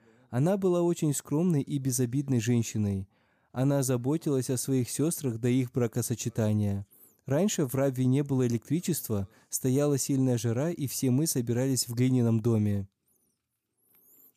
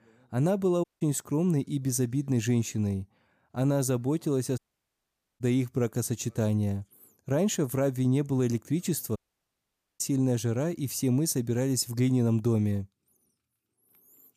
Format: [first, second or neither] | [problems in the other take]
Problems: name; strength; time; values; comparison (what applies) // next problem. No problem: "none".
first | audio cutting out; at 1 s, at 4.5 s for 1 s and at 9 s for 1 s